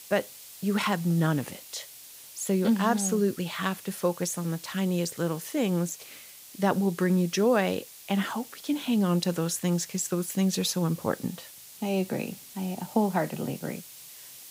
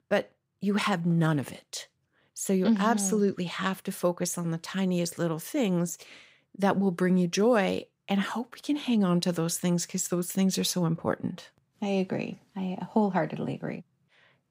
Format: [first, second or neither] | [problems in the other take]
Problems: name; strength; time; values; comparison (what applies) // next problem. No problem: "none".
second | hiss; noticeable; throughout; 15 dB below the speech